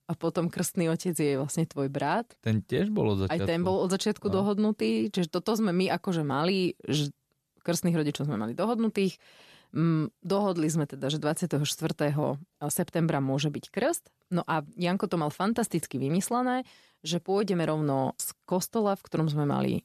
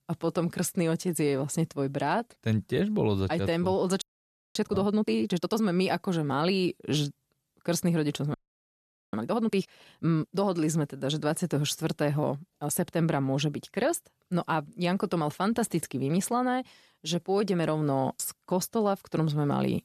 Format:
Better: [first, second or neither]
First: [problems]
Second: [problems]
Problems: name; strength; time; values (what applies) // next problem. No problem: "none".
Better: first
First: none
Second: audio freezing; at 4 s for 0.5 s and at 8.5 s for 1 s